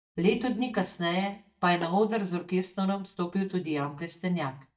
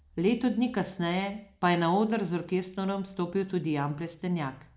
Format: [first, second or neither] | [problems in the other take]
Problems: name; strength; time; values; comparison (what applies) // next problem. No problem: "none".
second | noise reduction (neural mask model DeepFilterNet 3)